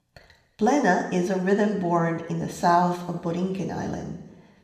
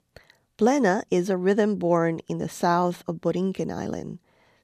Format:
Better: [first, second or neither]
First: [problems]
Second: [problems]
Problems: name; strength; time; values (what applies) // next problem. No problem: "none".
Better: second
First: room echo; slight; dies away in 1 s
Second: none